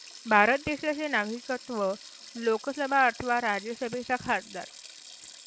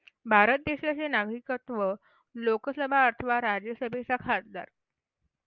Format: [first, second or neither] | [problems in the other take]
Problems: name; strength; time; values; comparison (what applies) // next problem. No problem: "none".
second | background sound (Sink (filling or washing)); 18 dB below the speech